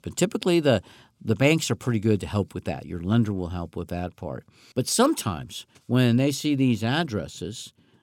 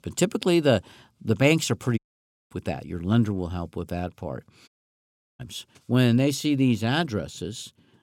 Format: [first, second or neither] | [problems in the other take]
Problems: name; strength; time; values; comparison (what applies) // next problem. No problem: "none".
first | audio cutting out; at 2 s for 0.5 s and at 4.5 s for 0.5 s